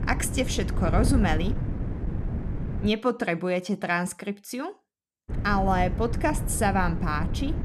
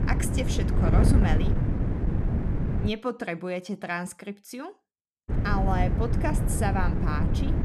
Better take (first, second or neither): first